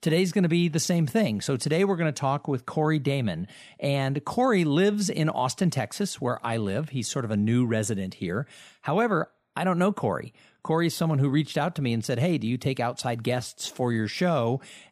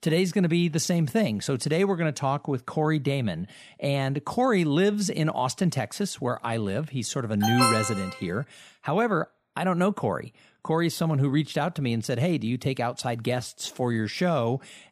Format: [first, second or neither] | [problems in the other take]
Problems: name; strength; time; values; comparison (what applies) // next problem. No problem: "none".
first | alarm; loud; at 7.5 s; peak 4 dB above the speech